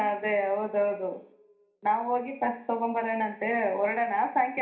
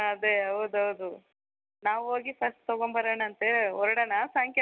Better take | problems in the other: second | room echo; dies away in 0.5 s

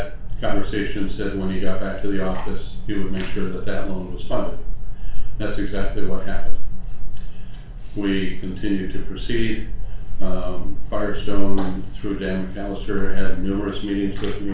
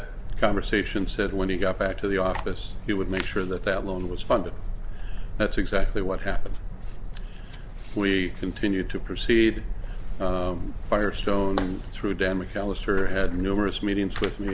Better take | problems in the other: second | room echo; dies away in 0.4 s

